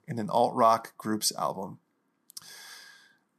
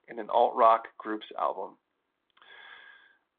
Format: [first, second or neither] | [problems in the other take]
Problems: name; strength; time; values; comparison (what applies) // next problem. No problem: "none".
first | phone-call audio; nothing above 3.5 kHz